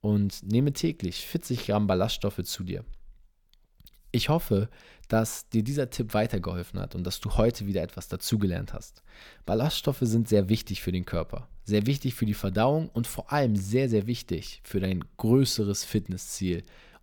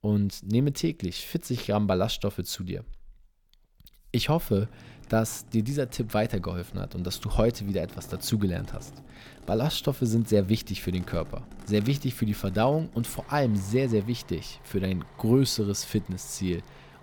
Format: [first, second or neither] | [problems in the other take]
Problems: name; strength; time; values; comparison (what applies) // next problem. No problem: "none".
first | traffic noise; faint; from 4.5 s on; 20 dB below the speech